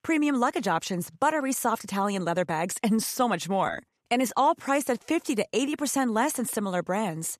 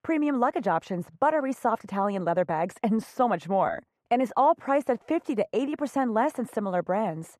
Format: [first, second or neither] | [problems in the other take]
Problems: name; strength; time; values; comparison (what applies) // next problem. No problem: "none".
first | muffled; very; fading above 3 kHz